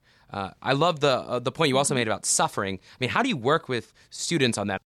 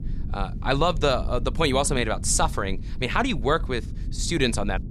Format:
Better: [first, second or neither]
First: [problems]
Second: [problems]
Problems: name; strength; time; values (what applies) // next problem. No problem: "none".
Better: first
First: none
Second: low rumble; faint; throughout; 20 dB below the speech